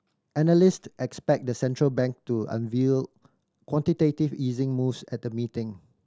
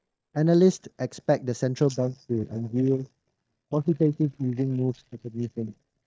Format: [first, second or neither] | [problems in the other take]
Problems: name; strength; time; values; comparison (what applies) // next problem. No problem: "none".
first | noise reduction (neural mask model DeepFilterNet 3)